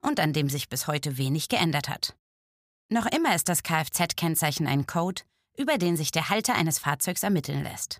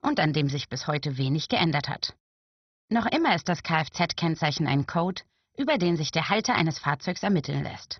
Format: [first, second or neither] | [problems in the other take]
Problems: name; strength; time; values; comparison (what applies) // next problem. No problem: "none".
first | garbled, watery; badly; nothing above 6 kHz